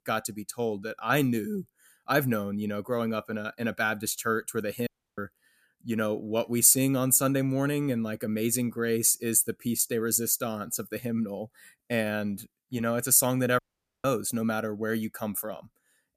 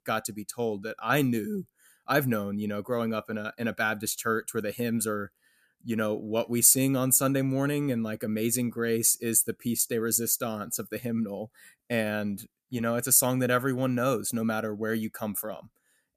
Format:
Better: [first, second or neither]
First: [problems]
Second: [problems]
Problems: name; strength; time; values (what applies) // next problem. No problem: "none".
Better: second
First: audio cutting out; at 5 s and at 14 s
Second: none